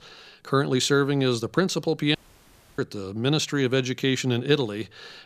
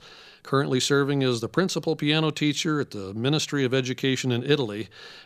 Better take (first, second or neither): second